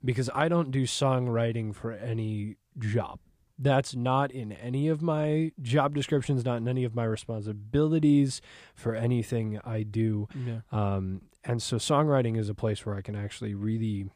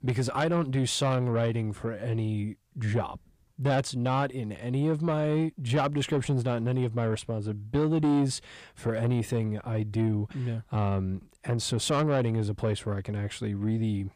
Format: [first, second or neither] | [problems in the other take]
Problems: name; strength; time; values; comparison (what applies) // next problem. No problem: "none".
first | distortion; slight; 10 dB below the speech